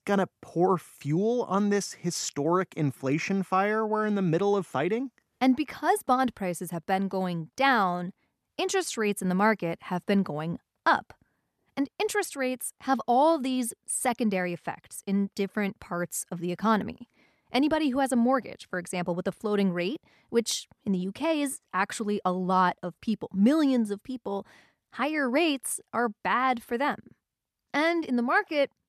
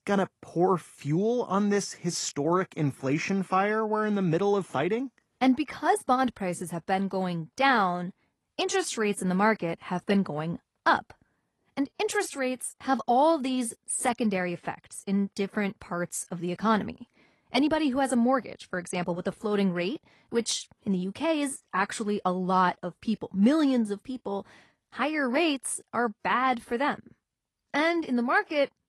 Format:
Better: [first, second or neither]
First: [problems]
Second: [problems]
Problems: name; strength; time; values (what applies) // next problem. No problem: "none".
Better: first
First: none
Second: garbled, watery; slightly